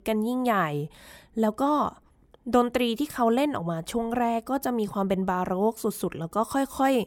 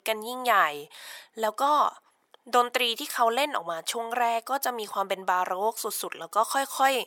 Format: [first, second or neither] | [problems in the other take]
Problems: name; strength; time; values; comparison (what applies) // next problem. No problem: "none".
first | thin; very; fading below 800 Hz